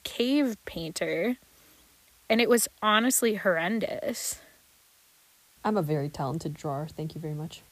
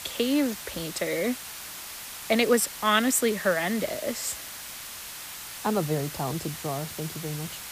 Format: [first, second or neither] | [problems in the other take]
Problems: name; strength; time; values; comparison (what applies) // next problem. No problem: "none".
first | hiss; loud; throughout; 9 dB below the speech; faint in the first